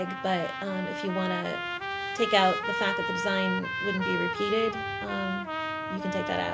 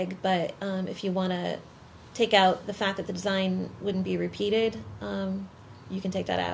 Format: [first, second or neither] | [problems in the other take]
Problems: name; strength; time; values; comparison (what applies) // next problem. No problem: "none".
second | background sound (Trumpet); 2 dB below the speech